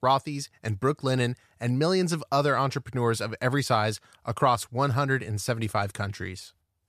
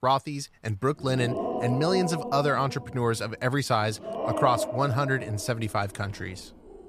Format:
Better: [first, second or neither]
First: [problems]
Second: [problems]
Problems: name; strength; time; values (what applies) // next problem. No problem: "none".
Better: first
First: none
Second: animal sounds; loud; throughout; 5 dB below the speech